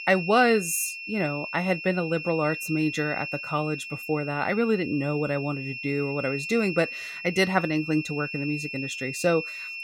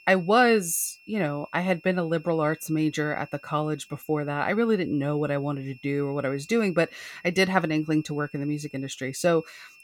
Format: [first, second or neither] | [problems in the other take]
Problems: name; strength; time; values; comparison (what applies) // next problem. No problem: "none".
second | high-pitched whine; loud; throughout; 2.5 kHz, 7 dB below the speech; faint in the second